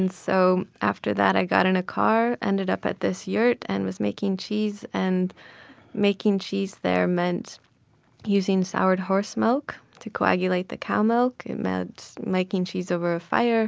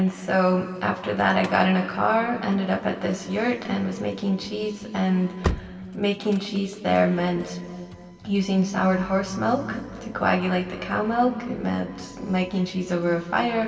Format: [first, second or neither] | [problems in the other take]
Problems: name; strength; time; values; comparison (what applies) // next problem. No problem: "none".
first | background sound (Slam / Engine starting); 16 dB below the speech // room echo; dies away in 2.4 s